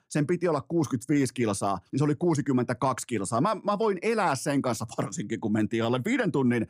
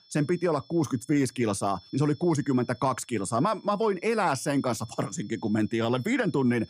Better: first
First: none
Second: high-pitched whine; faint; throughout; 5.5 kHz, 25 dB below the speech

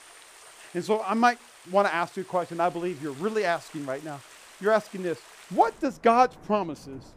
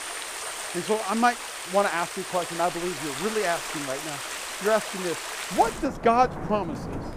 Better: first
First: rain or running water; faint; throughout; 20 dB below the speech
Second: rain or running water; loud; throughout; 6 dB below the speech

